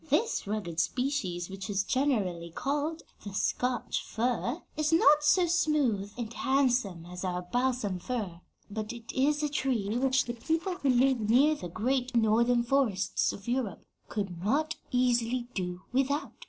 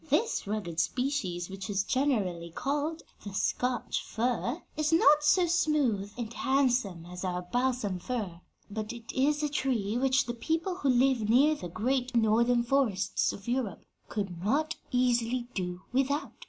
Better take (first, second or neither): second